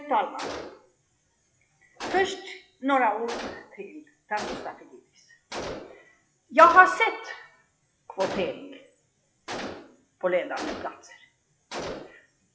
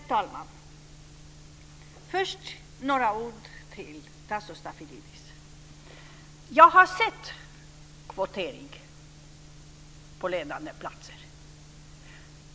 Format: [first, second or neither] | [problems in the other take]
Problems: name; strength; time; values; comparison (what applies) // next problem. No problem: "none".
second | noise reduction (classical method WPE with log-MMSE)